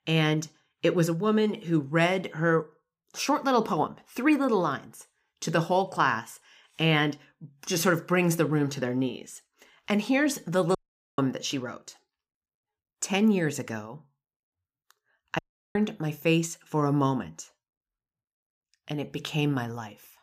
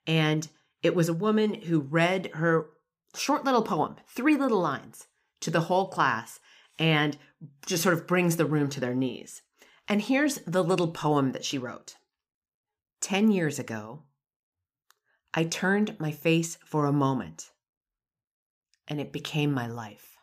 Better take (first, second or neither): second